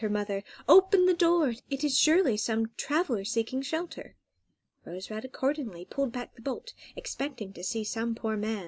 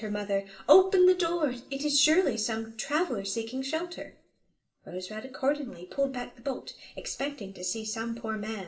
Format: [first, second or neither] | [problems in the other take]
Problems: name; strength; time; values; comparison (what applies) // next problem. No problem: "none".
first | room echo; dies away in 0.4 s